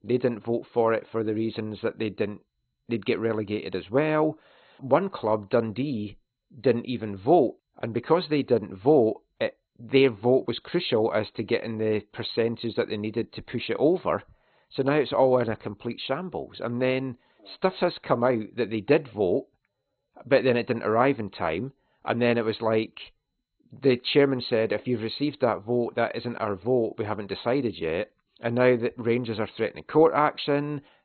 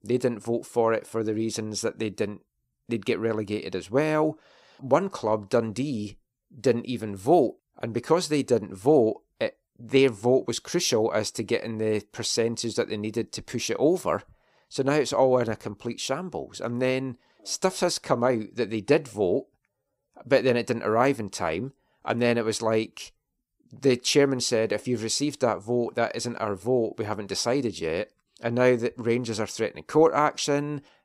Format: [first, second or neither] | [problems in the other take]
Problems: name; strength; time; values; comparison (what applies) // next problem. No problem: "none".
second | garbled, watery; badly; nothing above 4 kHz